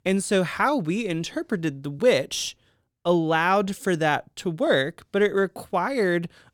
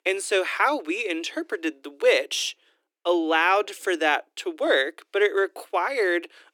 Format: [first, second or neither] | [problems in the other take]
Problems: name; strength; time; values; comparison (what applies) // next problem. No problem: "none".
first | thin; very; fading below 300 Hz